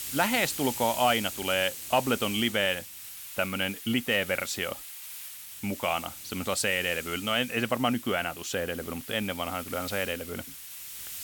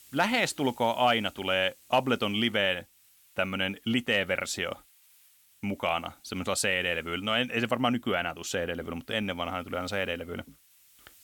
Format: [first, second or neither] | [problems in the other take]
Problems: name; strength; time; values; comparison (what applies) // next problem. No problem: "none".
second | hiss; loud; throughout; 9 dB below the speech; faint in the second